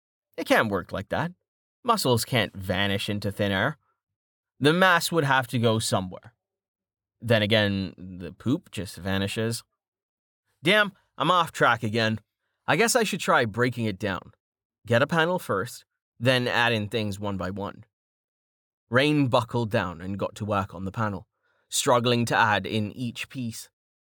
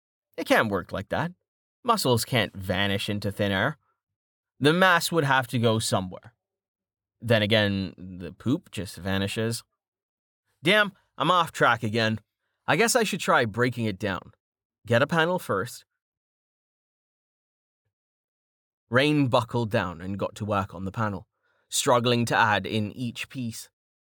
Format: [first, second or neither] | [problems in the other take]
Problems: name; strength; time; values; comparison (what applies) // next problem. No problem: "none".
first | audio cutting out; at 16 s for 1.5 s